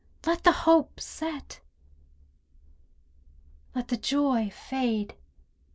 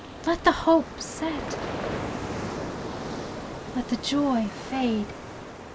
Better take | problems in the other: first | background sound (Ocean); 6 dB below the speech

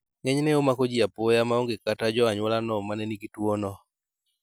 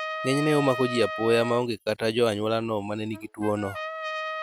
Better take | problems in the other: first | background sound (Trumpet); 9 dB below the speech

